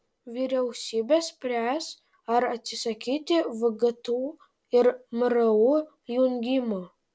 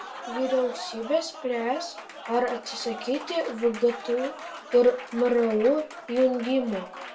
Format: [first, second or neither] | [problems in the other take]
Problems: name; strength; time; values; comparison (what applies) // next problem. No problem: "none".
first | background sound (Applause); 13 dB below the speech // room echo; dies away in 0.3 s